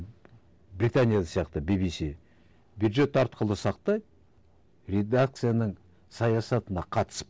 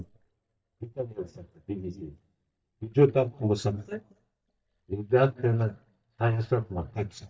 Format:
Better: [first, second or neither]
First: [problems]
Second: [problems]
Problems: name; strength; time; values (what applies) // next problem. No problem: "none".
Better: first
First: none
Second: noise reduction (neural mask model DeepFilterNet 3)